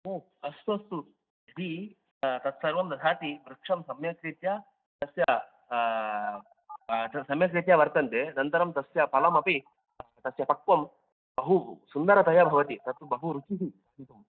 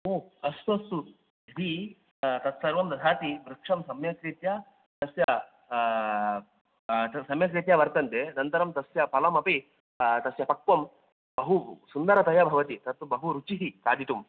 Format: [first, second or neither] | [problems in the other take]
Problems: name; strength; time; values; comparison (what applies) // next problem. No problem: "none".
second | noise reduction (neural mask model DeepFilterNet 3)